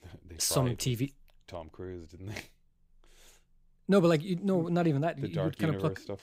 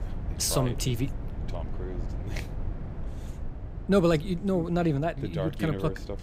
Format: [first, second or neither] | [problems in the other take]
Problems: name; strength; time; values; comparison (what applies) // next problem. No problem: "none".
first | low rumble; noticeable; throughout; 20 dB below the speech